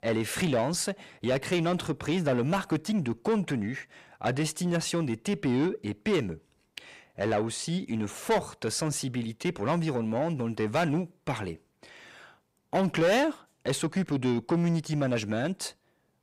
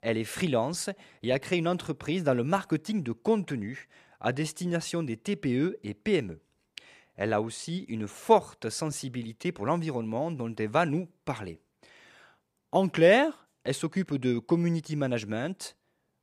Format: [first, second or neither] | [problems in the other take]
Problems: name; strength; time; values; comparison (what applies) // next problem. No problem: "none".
second | distortion; heavy; 7 dB below the speech